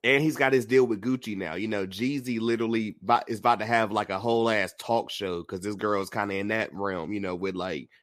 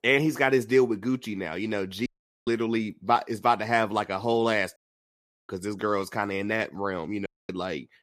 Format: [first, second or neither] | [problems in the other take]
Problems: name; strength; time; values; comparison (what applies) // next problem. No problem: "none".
first | audio cutting out; at 2 s, at 5 s for 0.5 s and at 7.5 s